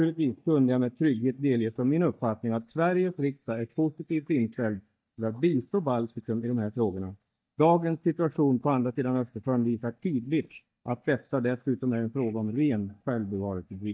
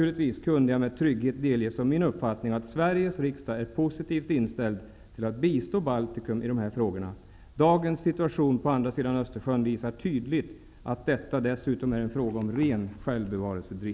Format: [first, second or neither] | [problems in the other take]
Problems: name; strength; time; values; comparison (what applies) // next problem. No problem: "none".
second | noise reduction (neural mask model DeepFilterNet 3)